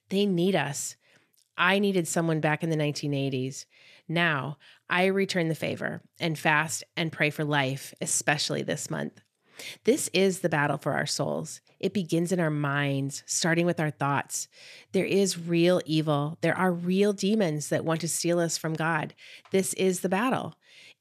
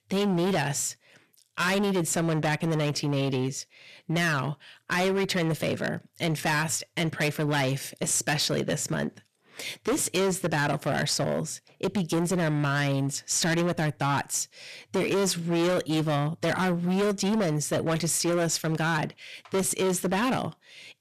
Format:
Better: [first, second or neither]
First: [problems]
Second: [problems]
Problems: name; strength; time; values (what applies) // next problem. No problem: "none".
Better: first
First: none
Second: distortion; heavy; 20% of the sound clipped